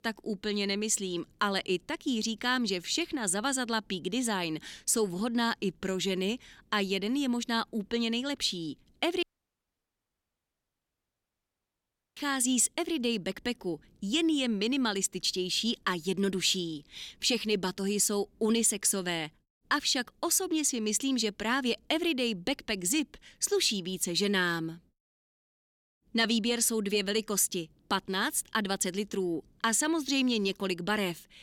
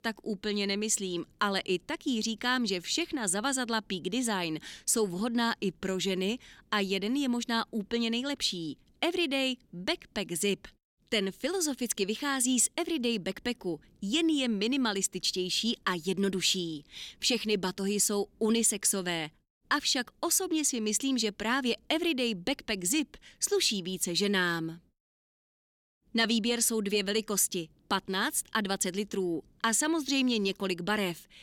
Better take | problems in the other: second | audio cutting out; at 9 s for 3 s

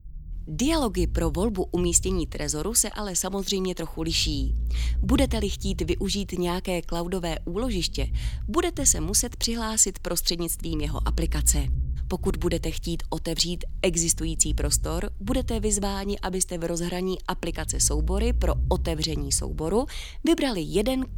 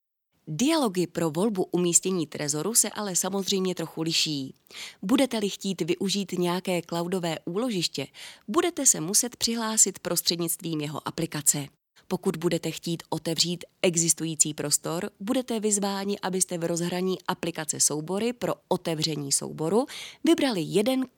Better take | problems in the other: second | low rumble; faint; throughout; 25 dB below the speech

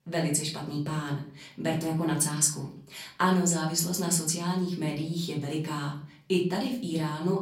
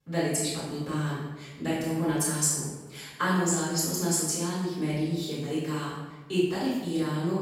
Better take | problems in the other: first | room echo; strong; dies away in 1 s; slight in the first // off-mic speech; far; far in the first

